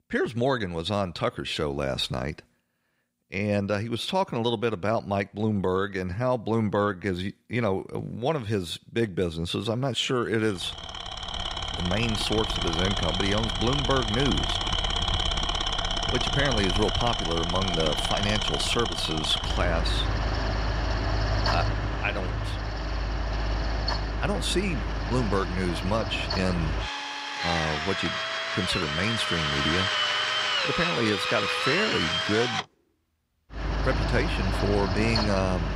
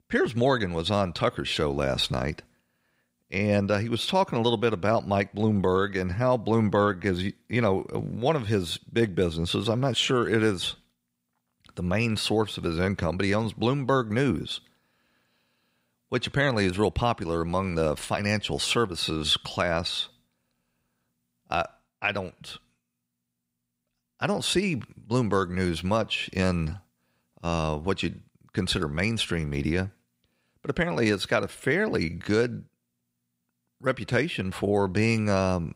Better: second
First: machinery noise; very loud; from 11 s on; 1 dB above the speech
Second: none

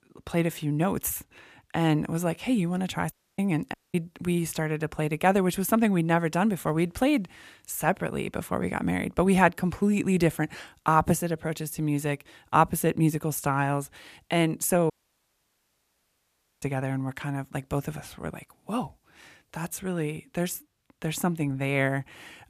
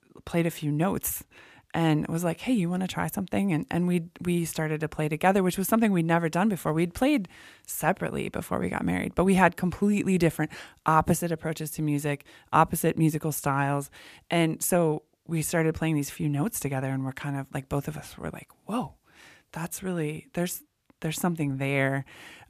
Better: second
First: audio cutting out; at 3 s, at 3.5 s and at 15 s for 1.5 s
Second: none

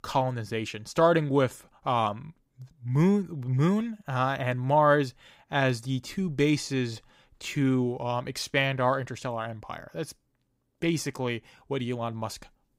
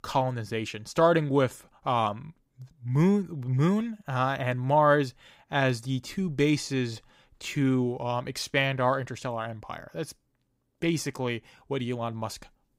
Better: neither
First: none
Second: none

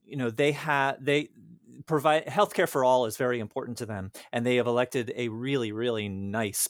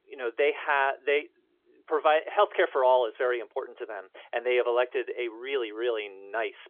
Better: first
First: none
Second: phone-call audio; nothing above 3.5 kHz

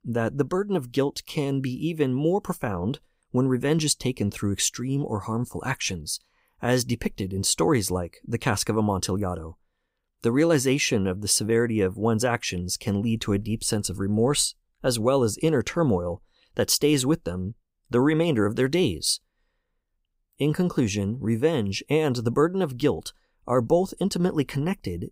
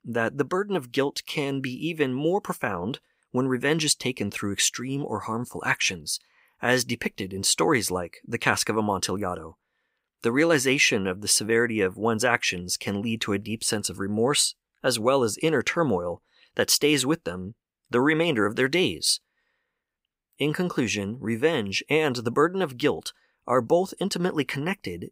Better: first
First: none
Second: thin; very slightly; fading below 450 Hz

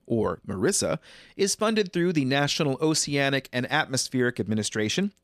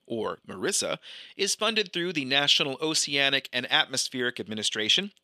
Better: first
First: none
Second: thin; very slightly; fading below 400 Hz

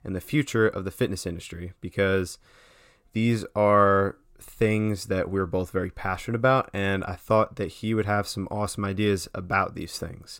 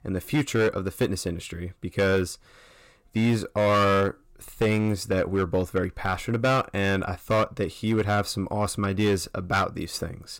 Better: first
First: none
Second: distortion; slight; 7% of the sound clipped

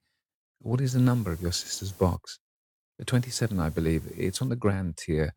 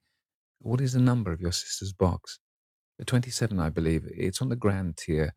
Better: second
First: hiss; very faint; from 1 to 2 s and from 3 to 4.5 s; 20 dB below the speech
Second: none

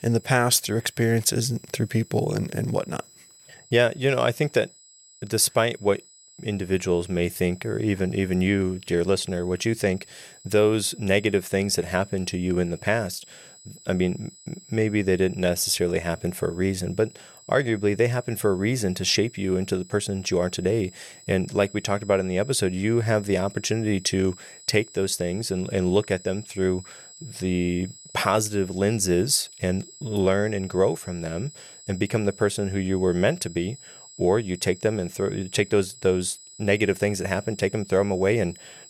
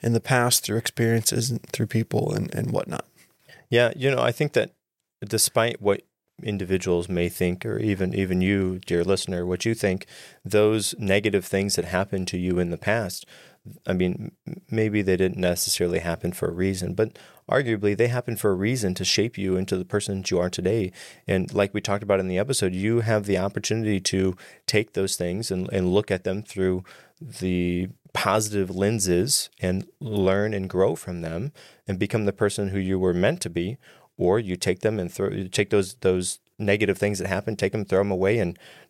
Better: second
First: high-pitched whine; faint; throughout; 8 kHz, 20 dB below the speech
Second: none

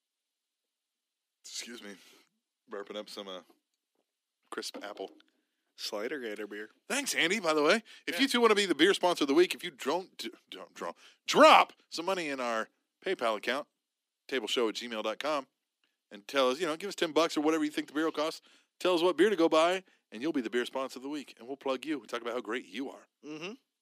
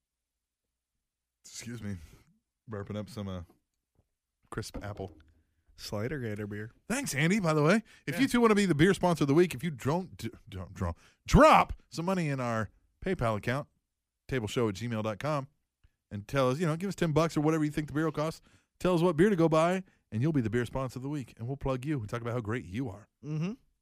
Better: second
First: thin; somewhat; fading below 250 Hz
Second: none

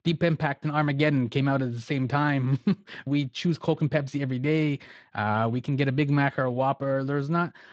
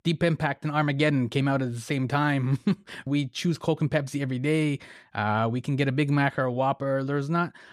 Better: second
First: garbled, watery; slightly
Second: none

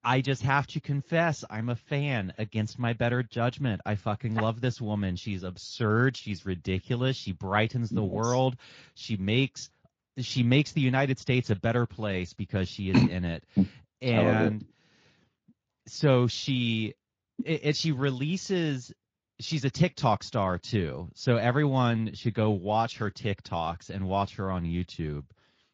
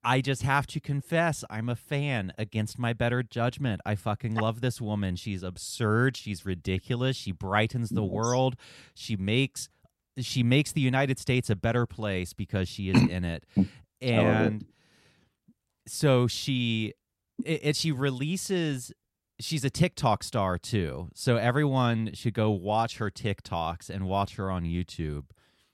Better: second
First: garbled, watery; slightly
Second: none

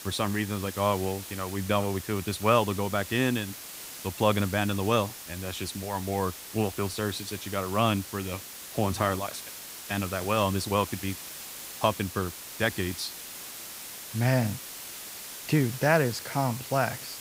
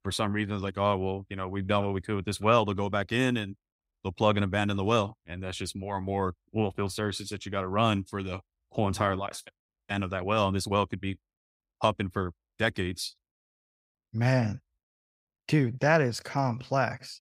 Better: second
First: hiss; noticeable; throughout; 10 dB below the speech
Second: none

